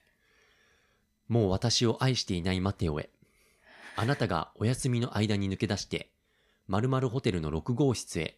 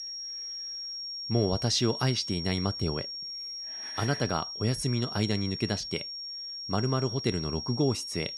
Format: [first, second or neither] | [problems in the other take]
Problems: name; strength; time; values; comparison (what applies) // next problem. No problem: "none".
first | high-pitched whine; loud; throughout; 5.5 kHz, 5 dB below the speech